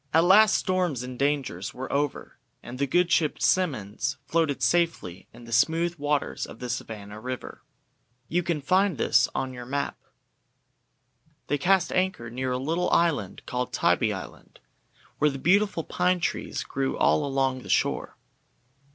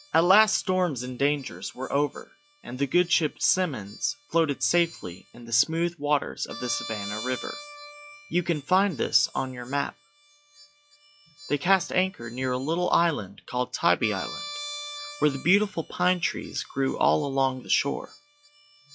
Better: first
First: none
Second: noise reduction (classical method log-MMSE)

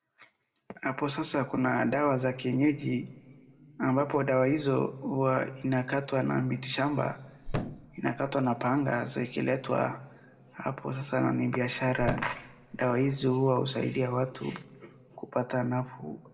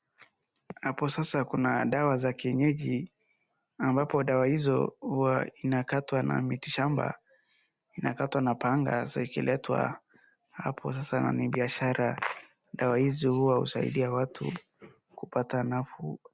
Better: second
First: background sound (Thump, thud); 9 dB below the speech // room echo; dies away in 1.5 s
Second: none

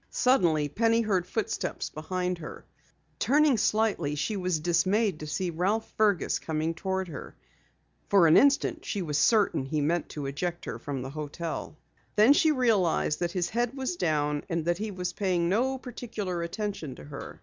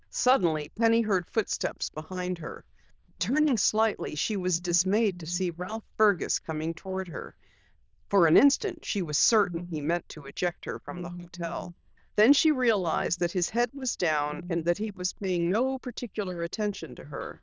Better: first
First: none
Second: noise reduction (neural diffusion model UNIVERSE++)

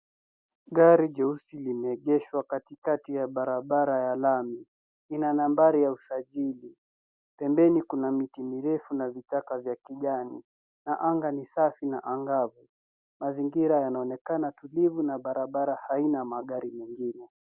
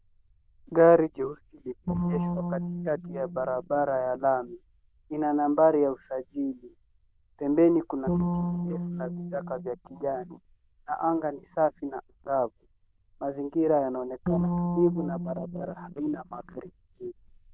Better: first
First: none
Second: noise reduction (neural diffusion model UNIVERSE++)

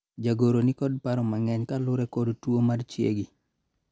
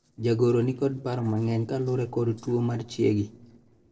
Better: first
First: none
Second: noise reduction (neural separator model SepFormer DNS4)

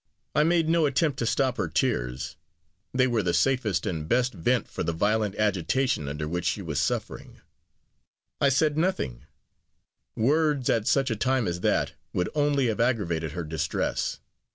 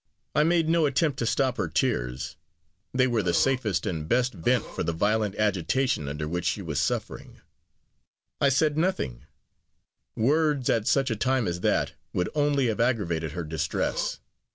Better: first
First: none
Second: background sound (Burping, eructation); 15 dB below the speech

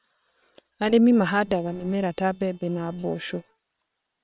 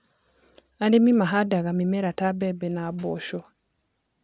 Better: second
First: noise reduction (neural separator model SepFormer WHAM!)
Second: none

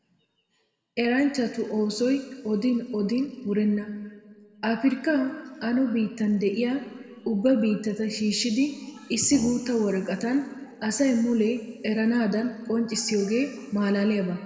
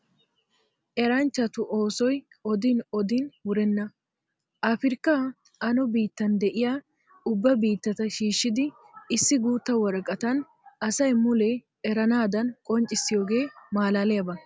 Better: second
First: background sound (Brass instrument); 15 dB below the speech // room echo; dies away in 1.7 s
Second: none

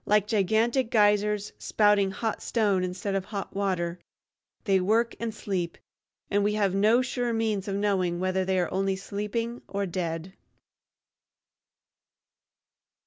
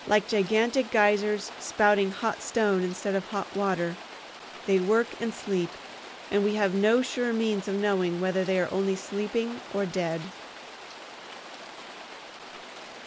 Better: first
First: none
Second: background sound (Rain); 15 dB below the speech

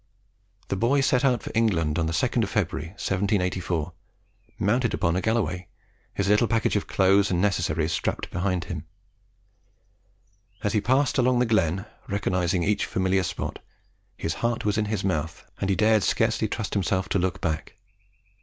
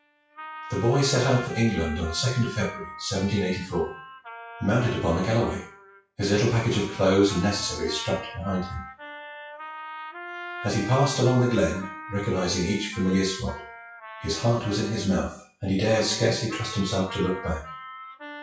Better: first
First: none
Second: noise reduction (classical method WPE with log-MMSE)

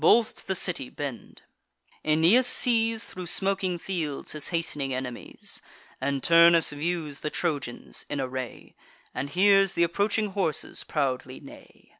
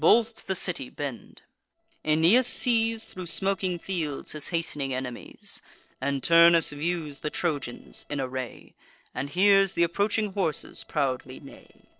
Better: first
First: none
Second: noise reduction (neural separator model SepFormer DNS4)

